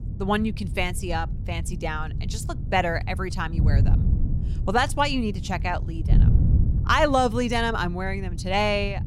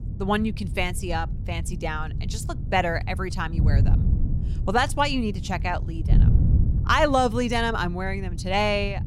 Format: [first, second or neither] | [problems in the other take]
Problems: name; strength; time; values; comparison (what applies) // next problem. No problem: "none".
neither | wind noise on the microphone; occasional gusts; 15 dB below the speech; the same in both